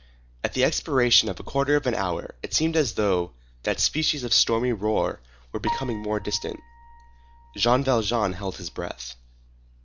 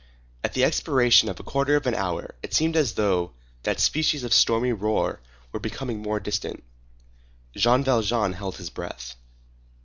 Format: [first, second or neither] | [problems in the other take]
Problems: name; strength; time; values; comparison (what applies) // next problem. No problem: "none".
second | background sound (Piano); 14 dB below the speech